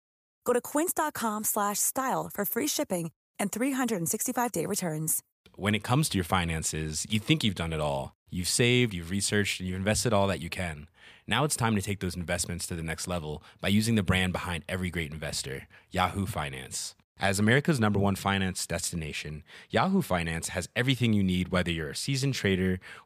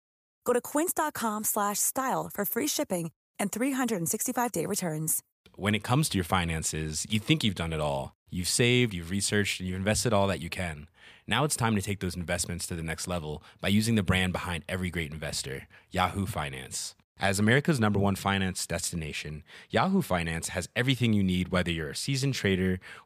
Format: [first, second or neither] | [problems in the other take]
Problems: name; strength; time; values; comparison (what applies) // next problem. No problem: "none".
neither | none